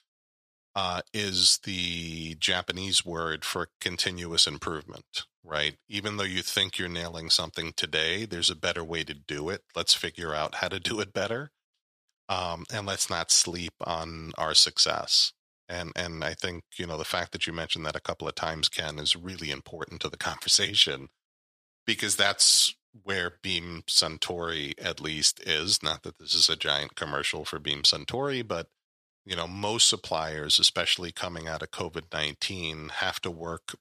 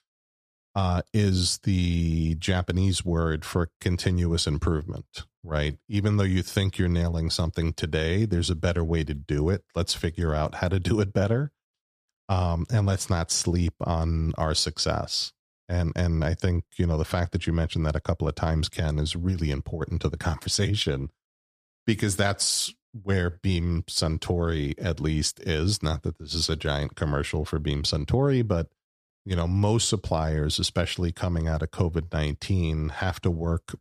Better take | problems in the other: second | thin; somewhat; fading below 1 kHz

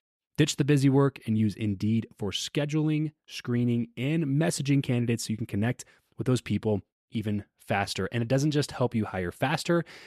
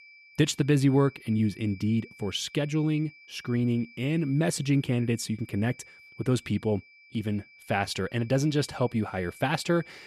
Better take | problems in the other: first | high-pitched whine; faint; throughout; 2.5 kHz, 25 dB below the speech

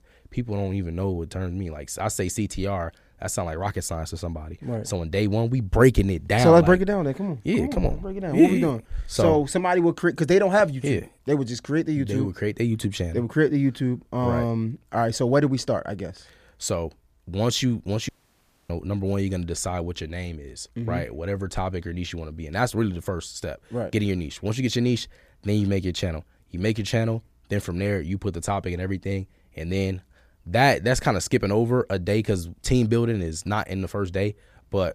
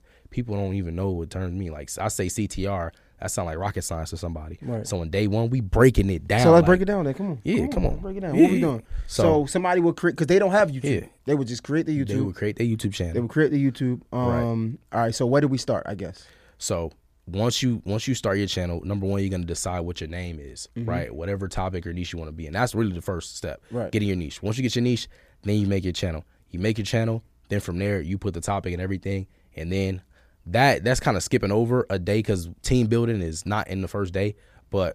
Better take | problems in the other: second | audio cutting out; at 18 s for 0.5 s

